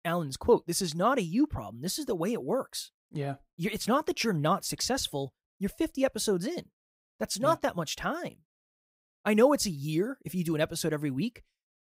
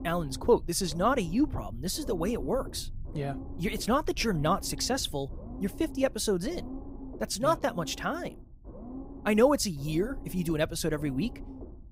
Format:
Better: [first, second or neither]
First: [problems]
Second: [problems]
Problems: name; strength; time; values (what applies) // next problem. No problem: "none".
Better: first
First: none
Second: low rumble; noticeable; throughout; 20 dB below the speech